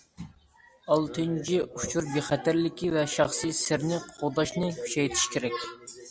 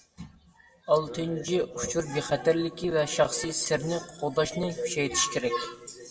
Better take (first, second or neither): first